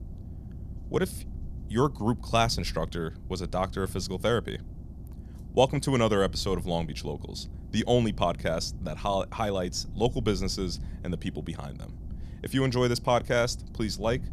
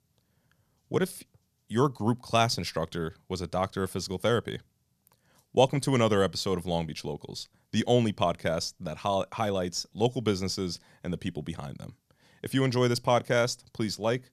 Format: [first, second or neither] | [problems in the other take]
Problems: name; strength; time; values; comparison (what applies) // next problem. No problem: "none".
second | low rumble; faint; throughout; 25 dB below the speech